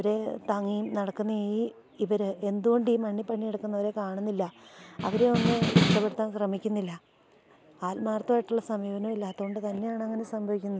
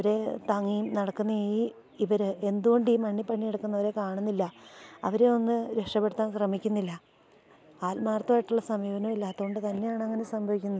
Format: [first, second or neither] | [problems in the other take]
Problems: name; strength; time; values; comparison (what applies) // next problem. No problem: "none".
second | background sound (Snare drum); 3 dB above the speech